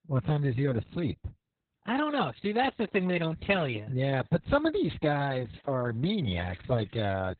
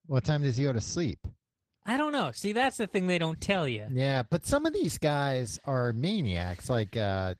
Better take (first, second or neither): second